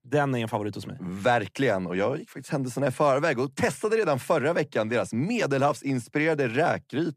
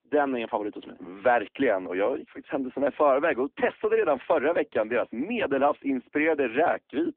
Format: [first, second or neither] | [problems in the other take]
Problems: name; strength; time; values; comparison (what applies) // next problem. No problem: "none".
first | phone-call audio